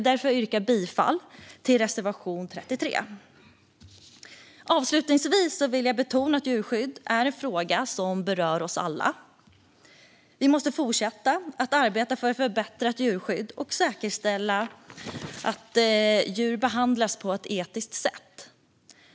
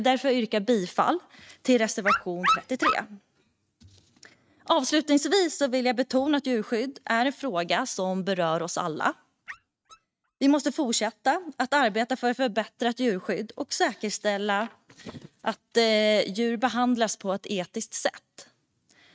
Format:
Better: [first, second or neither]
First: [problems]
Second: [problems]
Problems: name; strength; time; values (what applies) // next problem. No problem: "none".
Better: first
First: none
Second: noise reduction (neural mask model RNNoise)